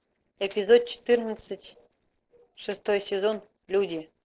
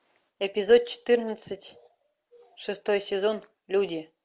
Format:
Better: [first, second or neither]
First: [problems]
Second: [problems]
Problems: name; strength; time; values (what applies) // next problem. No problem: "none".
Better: second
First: noise reduction (neural separator model SepFormer DNS4)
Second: none